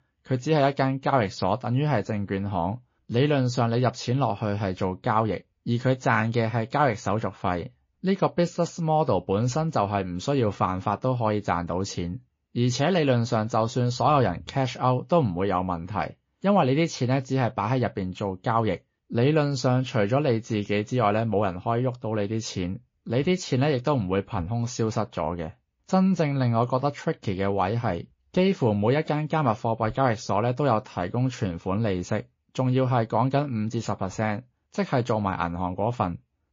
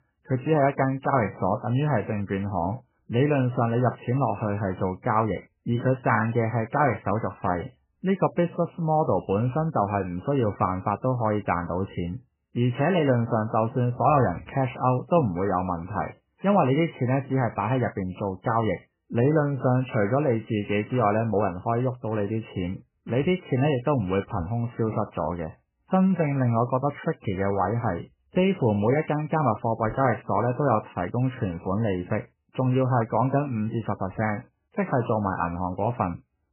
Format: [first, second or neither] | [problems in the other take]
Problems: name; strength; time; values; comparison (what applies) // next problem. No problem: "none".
first | garbled, watery; badly; nothing above 3 kHz; slightly in the first